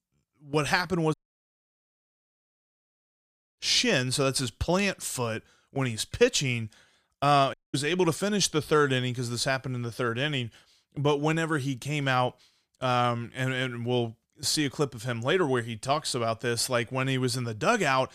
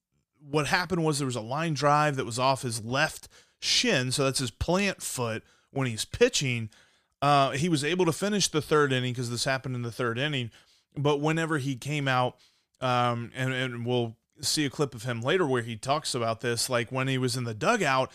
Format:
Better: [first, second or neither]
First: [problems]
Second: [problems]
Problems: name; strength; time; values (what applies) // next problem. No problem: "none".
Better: second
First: audio cutting out; at 1 s for 2.5 s and at 7.5 s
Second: none